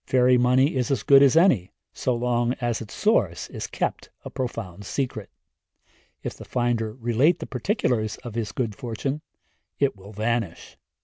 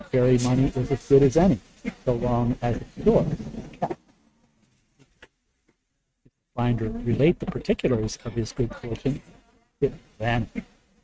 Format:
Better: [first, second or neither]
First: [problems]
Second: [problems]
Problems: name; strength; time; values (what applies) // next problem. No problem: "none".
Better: first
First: none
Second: noise reduction (neural mask model RNNoise)